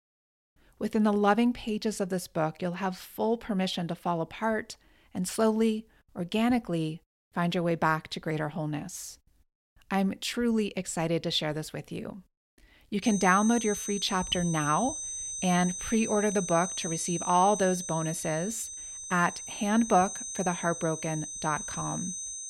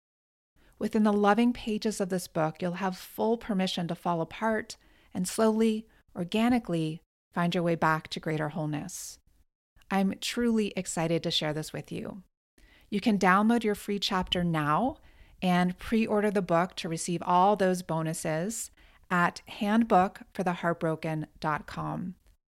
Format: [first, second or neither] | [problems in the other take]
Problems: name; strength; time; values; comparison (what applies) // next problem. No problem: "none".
second | high-pitched whine; loud; from 13 s on; 6 kHz, 6 dB below the speech